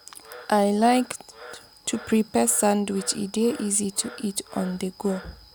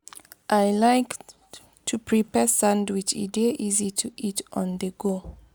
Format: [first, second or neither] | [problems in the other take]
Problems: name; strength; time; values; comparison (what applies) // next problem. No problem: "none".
second | background sound (Frog); 20 dB below the speech